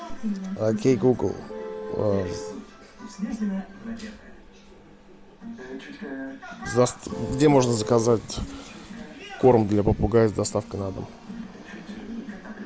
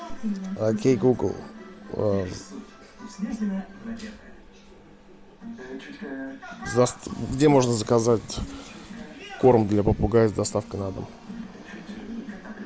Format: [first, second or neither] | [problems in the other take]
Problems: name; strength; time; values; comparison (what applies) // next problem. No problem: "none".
second | background sound (Vehicle horn, car horn, honking); 11 dB below the speech